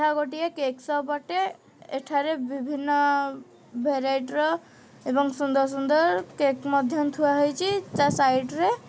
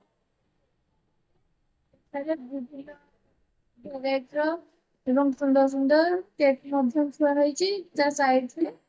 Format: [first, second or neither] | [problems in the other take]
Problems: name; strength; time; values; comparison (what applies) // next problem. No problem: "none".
first | noise reduction (neural mask model DeepFilterNet 3)